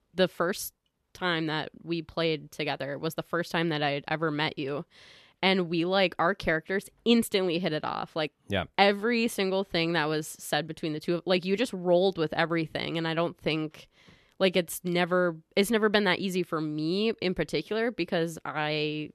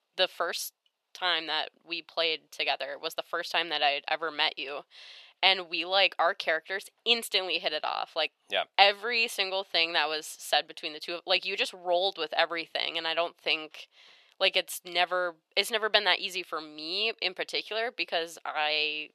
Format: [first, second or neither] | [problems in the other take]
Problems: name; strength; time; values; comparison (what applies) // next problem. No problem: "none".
first | thin; very; fading below 650 Hz